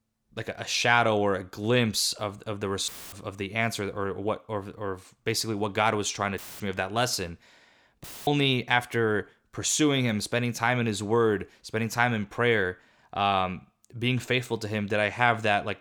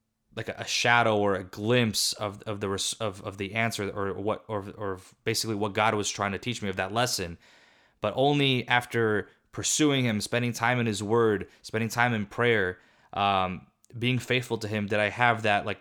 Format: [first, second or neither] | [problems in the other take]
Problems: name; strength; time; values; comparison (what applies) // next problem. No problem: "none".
second | audio cutting out; filled with static; at 3 s, at 6.5 s and at 8 s